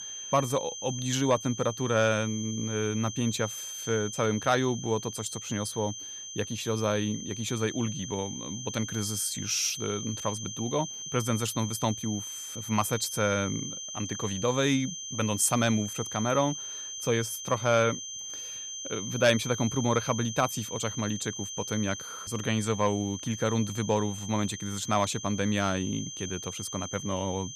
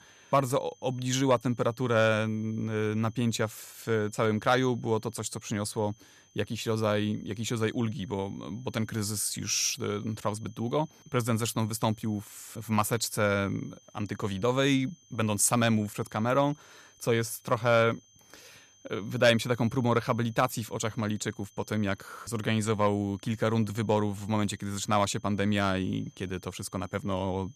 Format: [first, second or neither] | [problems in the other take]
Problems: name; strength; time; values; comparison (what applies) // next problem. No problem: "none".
second | high-pitched whine; loud; throughout; 6 kHz, 7 dB below the speech; faint in the second